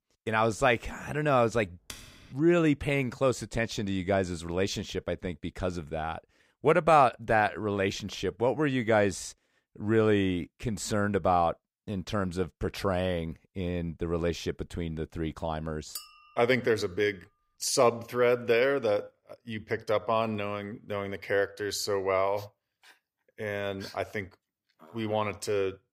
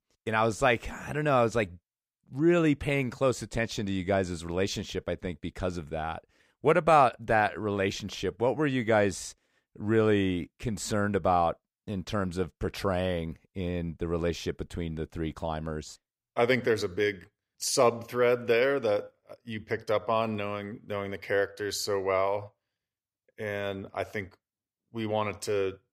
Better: second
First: keyboard typing; faint; at 2 s; peak 15 dB below the speech // clattering dishes; faint; at 16 s; peak 15 dB below the speech // dog barking; faint; from 22 to 25 s; peak 15 dB below the speech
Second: none

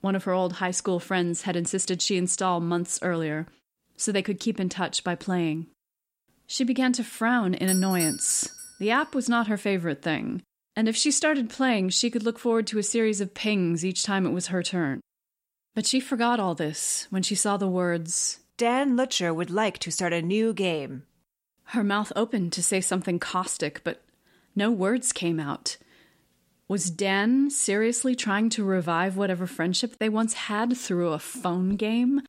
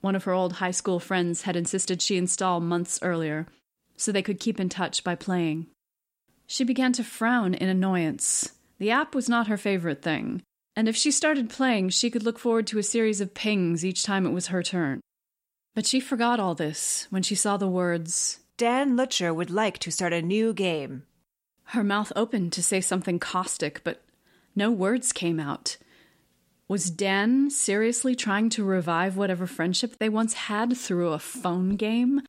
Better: second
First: doorbell; noticeable; at 7.5 s; peak 1 dB below the speech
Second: none

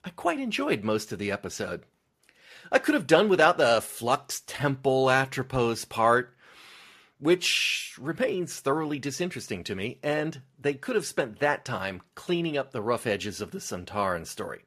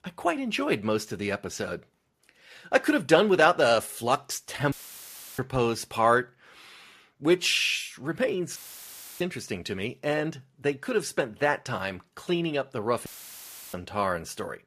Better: first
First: none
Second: audio cutting out; filled with static; at 4.5 s for 0.5 s, at 8.5 s for 0.5 s and at 13 s for 0.5 s

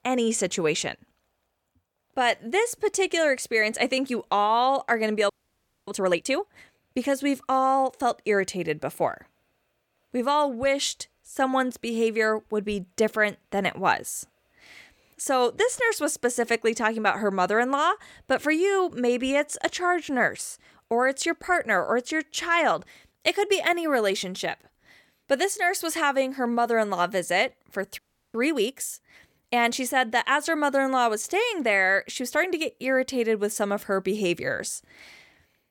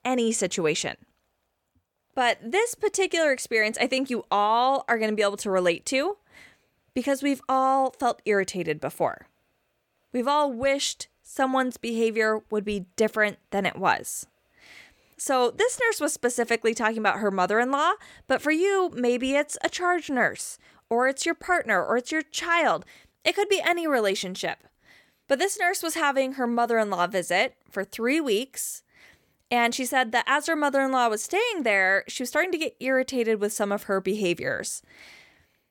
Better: second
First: audio freezing; at 5.5 s for 0.5 s and at 28 s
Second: none

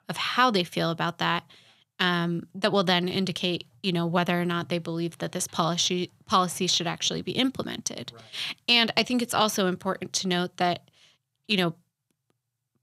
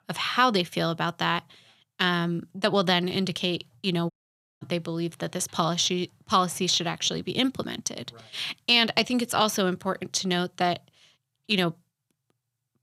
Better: first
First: none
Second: audio cutting out; at 4 s for 0.5 s

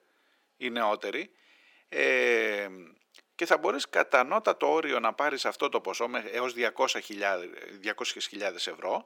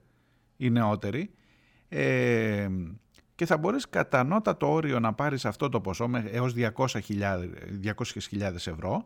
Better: second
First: thin; very; fading below 350 Hz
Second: none

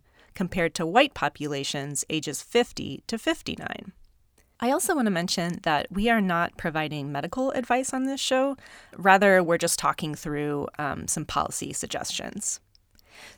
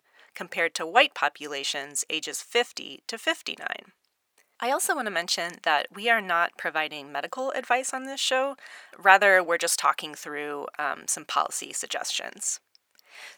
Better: first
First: none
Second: thin; somewhat; fading below 500 Hz

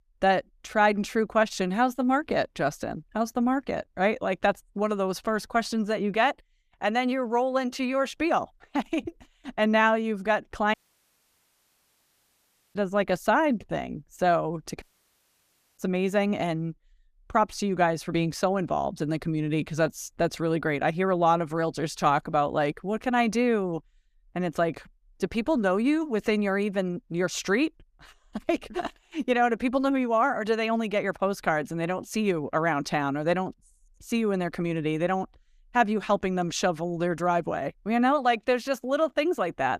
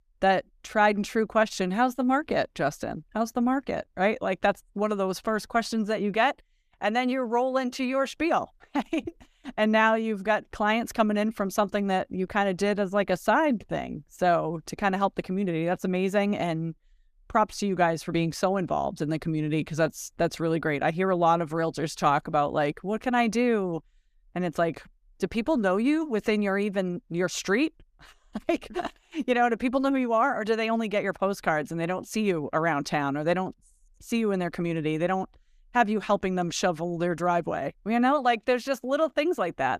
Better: second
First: audio cutting out; at 11 s for 2 s and at 15 s for 1 s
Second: none

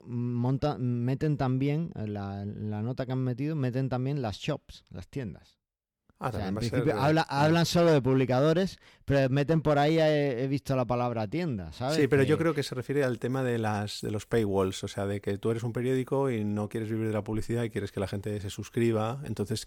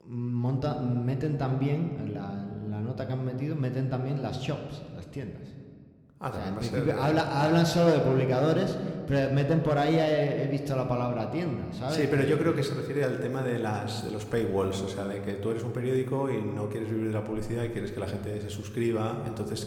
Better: first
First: none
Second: room echo; slight; dies away in 1.5 s

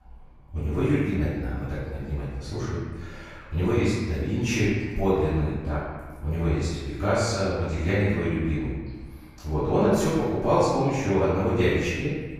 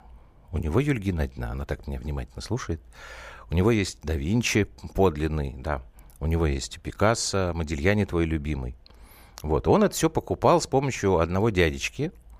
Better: second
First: off-mic speech; far // room echo; strong; dies away in 1.3 s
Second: none

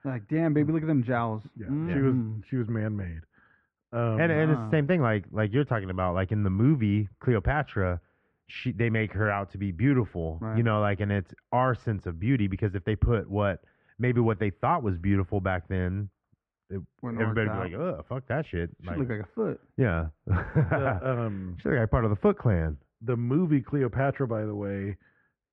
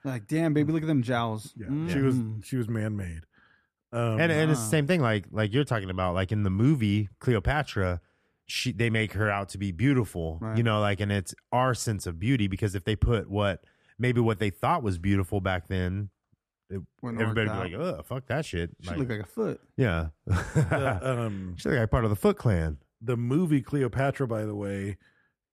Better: second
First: muffled; very; fading above 2 kHz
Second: none

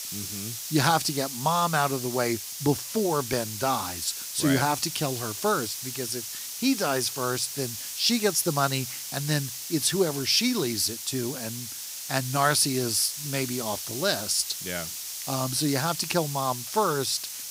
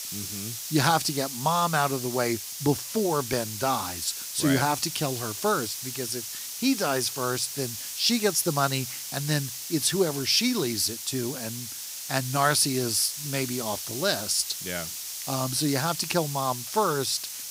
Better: neither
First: hiss; loud; throughout; 6 dB below the speech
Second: hiss; loud; throughout; 6 dB below the speech

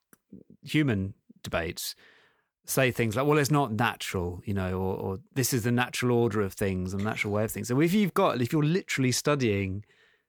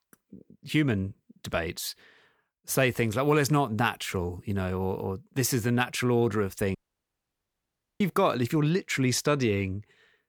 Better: first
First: none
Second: audio cutting out; at 7 s for 1.5 s

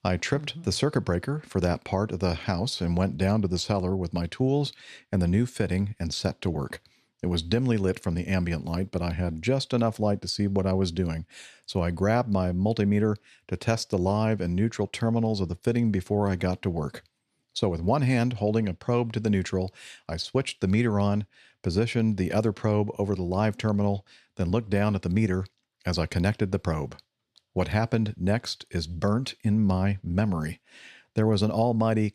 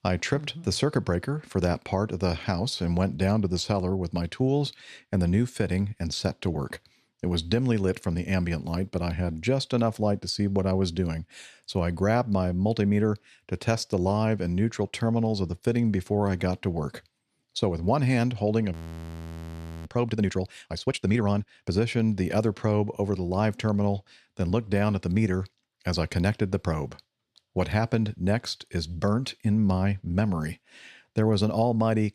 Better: first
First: none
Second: audio freezing; at 19 s for 1 s

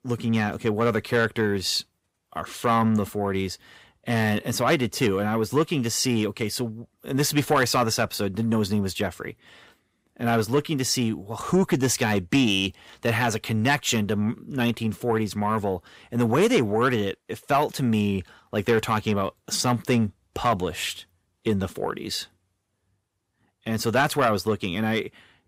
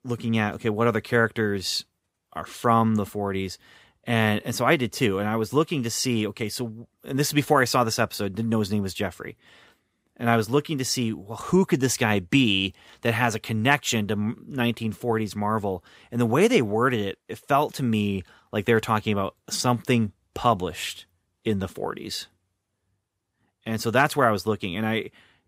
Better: second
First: distortion; slight; 10 dB below the speech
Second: none

